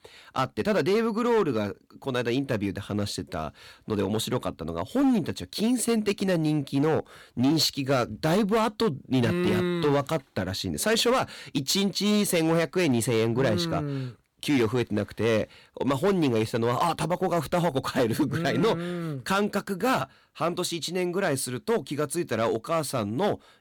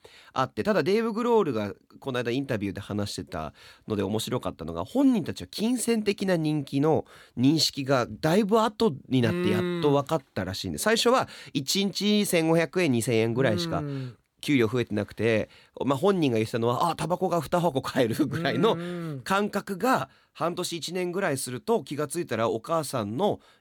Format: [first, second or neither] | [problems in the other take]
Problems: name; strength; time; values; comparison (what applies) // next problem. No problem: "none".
second | distortion; slight; 7% of the sound clipped